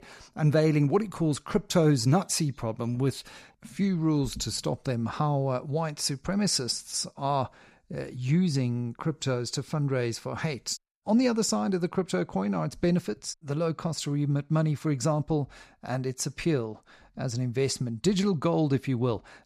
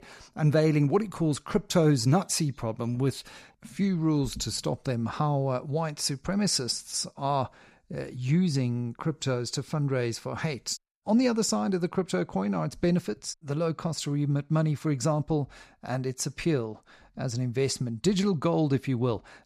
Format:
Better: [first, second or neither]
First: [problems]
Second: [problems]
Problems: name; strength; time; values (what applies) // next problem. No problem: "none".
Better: neither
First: none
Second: none